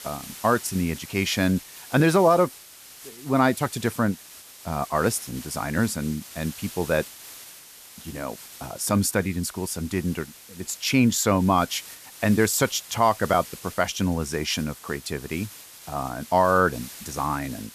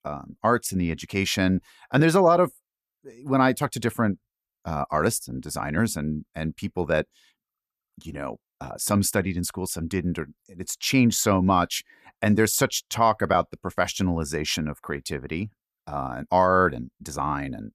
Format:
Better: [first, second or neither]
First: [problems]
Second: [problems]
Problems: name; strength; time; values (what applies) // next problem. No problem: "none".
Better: second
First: hiss; noticeable; throughout; 15 dB below the speech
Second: none